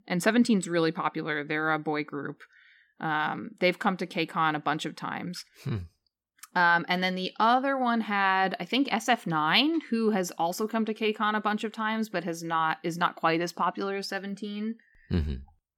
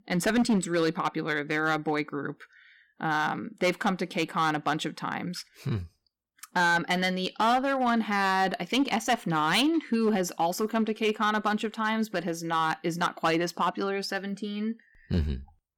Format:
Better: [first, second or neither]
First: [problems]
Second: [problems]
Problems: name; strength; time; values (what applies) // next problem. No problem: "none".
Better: first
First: none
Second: distortion; slight; 5% of the sound clipped